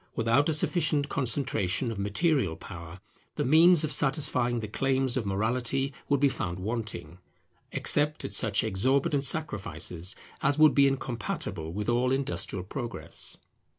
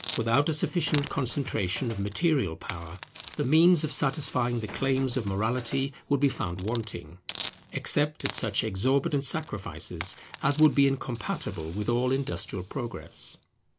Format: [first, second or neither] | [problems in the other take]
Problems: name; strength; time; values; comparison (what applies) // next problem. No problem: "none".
first | background sound (Scratching (performance technique) + Hiss); 17 dB below the speech